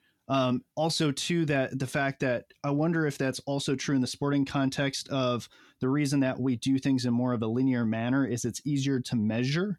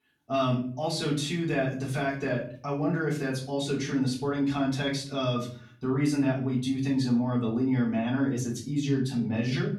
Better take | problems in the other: first | off-mic speech; far // room echo; slight; dies away in 0.4 s

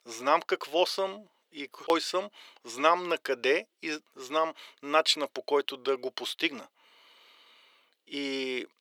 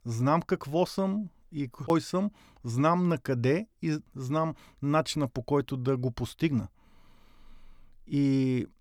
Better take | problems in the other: second | thin; very; fading below 400 Hz

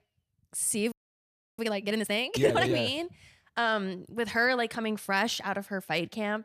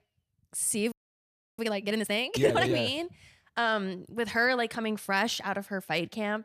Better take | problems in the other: neither | audio freezing; at 1 s for 0.5 s; the same in both

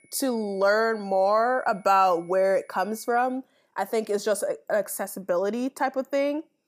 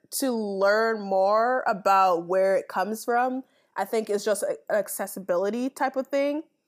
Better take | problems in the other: second | high-pitched whine; faint; until 3.5 s; 2 kHz, 35 dB below the speech

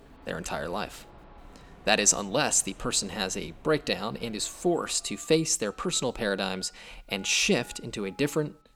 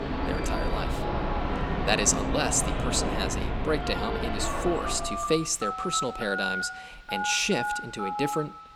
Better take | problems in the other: first | alarms or sirens; loud; throughout; 2 dB below the speech; faint in the first

